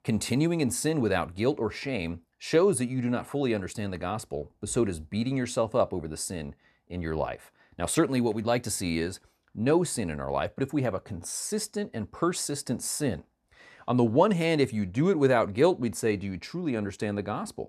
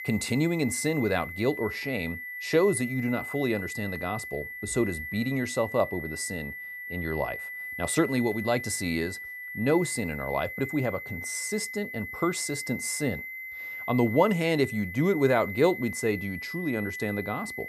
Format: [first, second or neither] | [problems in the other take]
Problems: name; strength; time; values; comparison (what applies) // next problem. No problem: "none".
first | high-pitched whine; loud; throughout; 2 kHz, 7 dB below the speech